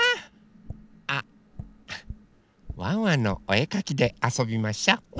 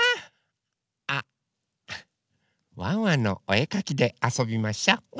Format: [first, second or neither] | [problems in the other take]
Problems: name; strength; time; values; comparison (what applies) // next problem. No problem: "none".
second | background sound (Tap); 18 dB below the speech